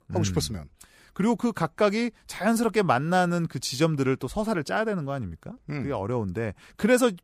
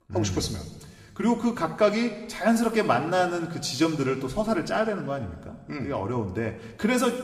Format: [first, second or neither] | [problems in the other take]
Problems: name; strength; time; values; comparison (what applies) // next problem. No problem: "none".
first | room echo; slight; dies away in 1.2 s // off-mic speech; somewhat distant